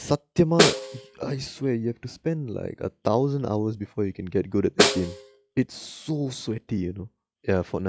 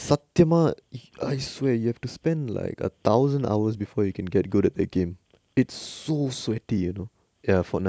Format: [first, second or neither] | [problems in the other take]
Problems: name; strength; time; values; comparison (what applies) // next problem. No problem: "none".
second | noise reduction (classical method log-MMSE)